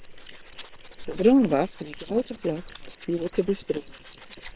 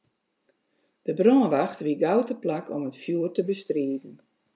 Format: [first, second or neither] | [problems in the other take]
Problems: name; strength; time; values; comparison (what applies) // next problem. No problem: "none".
second | noise reduction (neural separator model SepFormer WHAM!)